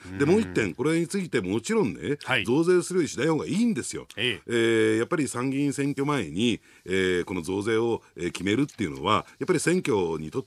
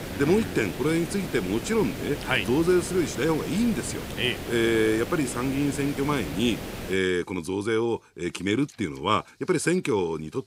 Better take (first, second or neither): first